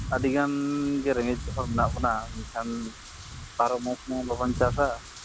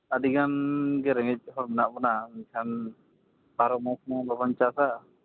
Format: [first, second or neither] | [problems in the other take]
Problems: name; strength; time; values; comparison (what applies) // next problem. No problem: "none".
second | background sound (Wind / Rain); 8 dB below the speech